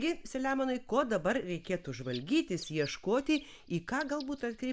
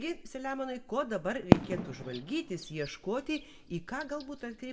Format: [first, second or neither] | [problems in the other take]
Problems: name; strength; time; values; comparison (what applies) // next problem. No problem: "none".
first | background sound (Fireworks); 3 dB above the speech // room echo; dies away in 1.7 s